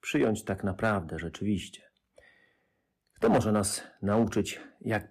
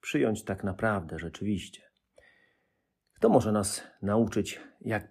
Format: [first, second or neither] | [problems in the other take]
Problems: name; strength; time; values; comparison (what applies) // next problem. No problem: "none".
second | distortion; slight; 1.9% of the sound clipped